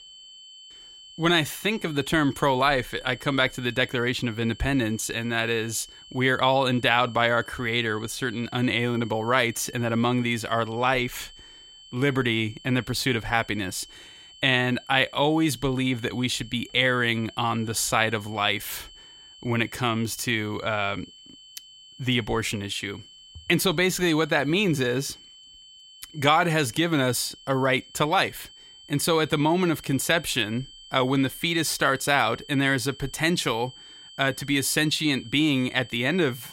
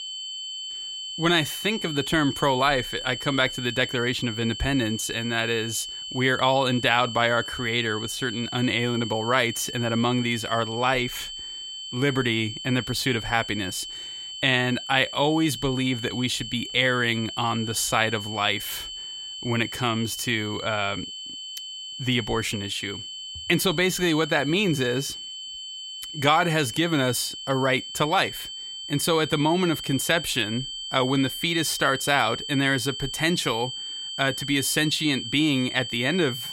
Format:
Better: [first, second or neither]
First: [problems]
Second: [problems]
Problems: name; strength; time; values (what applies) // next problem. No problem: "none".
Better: first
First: high-pitched whine; faint; throughout; 3 kHz, 20 dB below the speech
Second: high-pitched whine; loud; throughout; 3 kHz, 8 dB below the speech